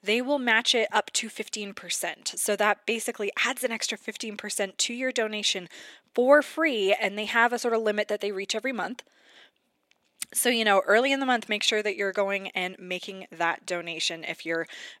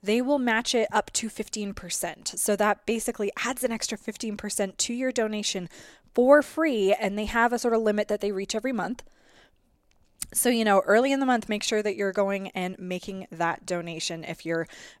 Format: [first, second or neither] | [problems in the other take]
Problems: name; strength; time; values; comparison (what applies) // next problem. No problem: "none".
second | thin; very slightly; fading below 250 Hz